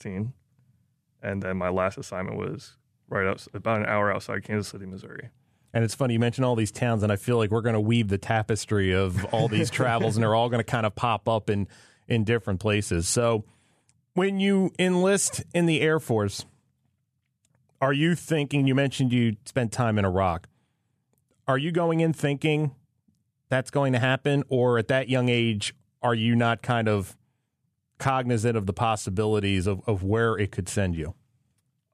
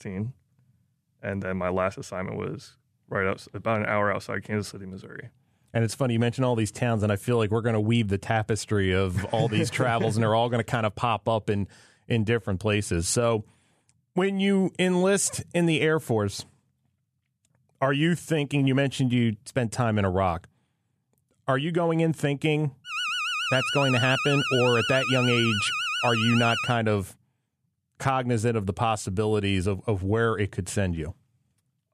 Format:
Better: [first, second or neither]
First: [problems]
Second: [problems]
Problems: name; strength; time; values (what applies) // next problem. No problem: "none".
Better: first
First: none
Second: alarm; noticeable; from 23 to 27 s; peak level with the speech